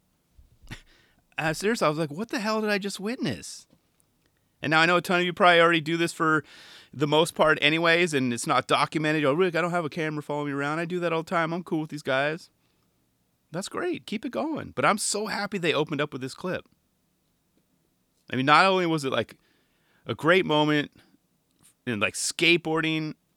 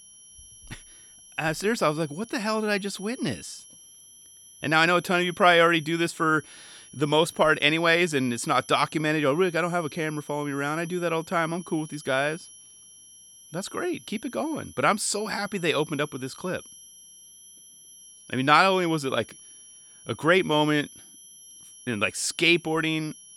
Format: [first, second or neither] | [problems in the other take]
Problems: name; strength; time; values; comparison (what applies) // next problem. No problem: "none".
first | high-pitched whine; faint; throughout; 11 kHz, 20 dB below the speech